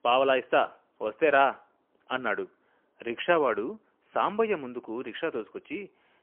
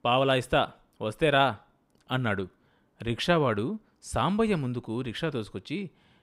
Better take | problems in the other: second | phone-call audio; poor line; nothing above 3 kHz

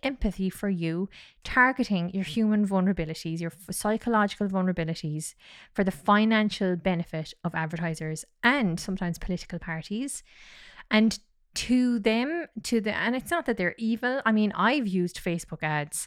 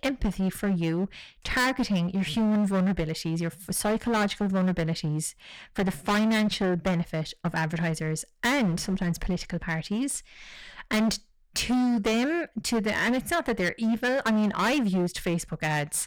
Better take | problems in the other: first | distortion; heavy; 18% of the sound clipped

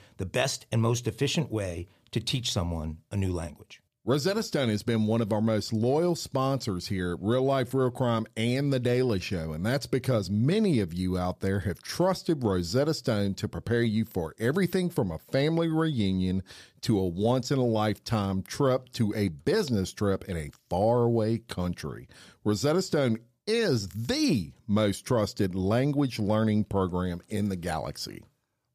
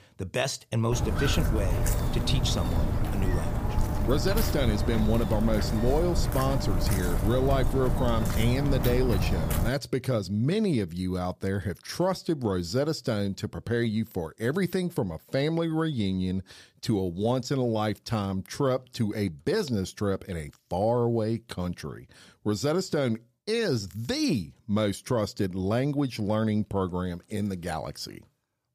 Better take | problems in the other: first | footsteps; loud; from 1 to 9.5 s; peak 1 dB above the speech

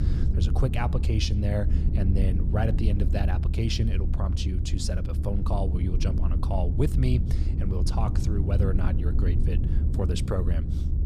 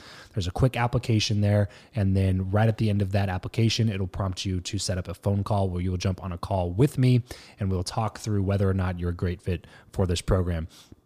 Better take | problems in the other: second | low rumble; loud; throughout; 6 dB below the speech

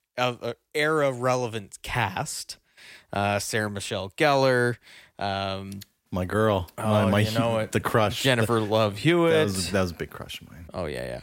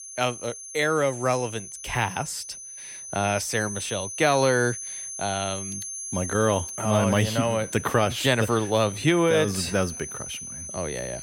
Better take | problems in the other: first | high-pitched whine; loud; throughout; 6 kHz, 9 dB below the speech

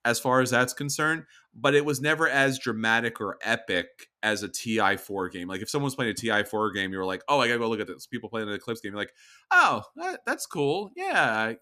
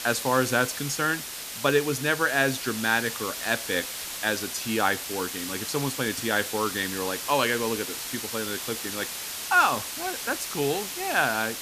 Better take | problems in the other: first | hiss; loud; throughout; 5 dB below the speech

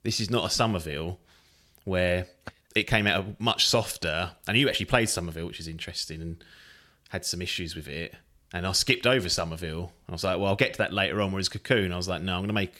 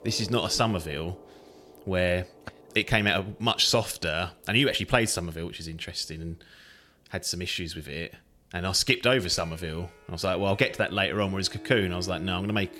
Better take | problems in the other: first | background music; noticeable; throughout; 20 dB below the speech

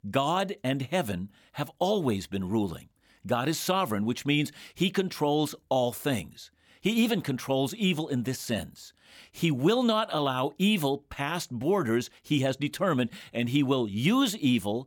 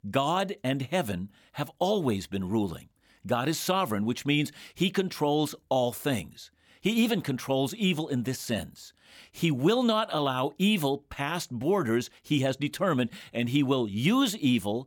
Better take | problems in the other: neither | none

